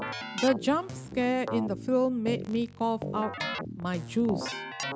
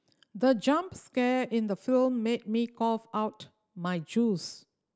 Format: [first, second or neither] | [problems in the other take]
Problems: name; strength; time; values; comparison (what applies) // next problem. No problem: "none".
second | background sound (Keyboard (musical)); 7 dB below the speech